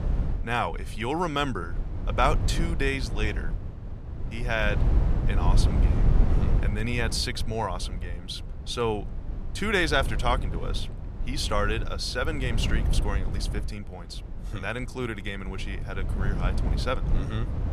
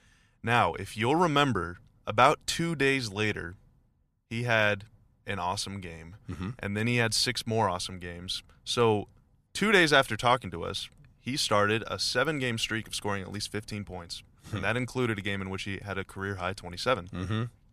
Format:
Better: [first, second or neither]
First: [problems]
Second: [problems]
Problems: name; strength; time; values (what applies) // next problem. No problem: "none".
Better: second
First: low rumble; noticeable; throughout; 10 dB below the speech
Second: none